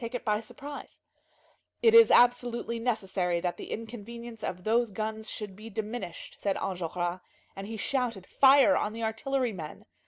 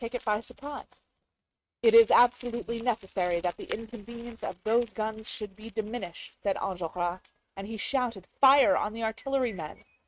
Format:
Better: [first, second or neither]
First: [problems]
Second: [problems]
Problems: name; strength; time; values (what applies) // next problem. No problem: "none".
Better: first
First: none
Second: noise reduction (neural mask model RNNoise)